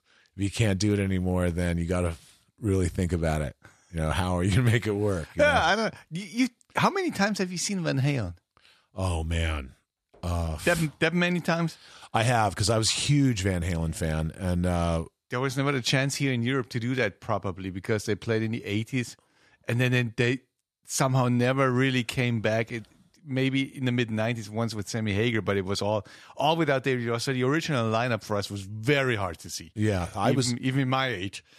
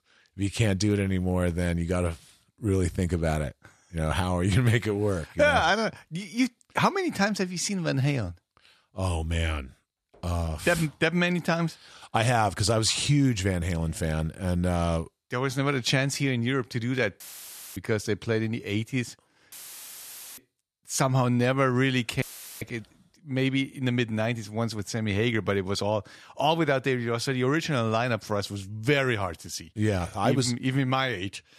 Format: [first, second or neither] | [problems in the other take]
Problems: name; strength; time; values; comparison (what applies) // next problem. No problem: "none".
first | audio cutting out; filled with static; at 17 s for 0.5 s, at 20 s for 1 s and at 22 s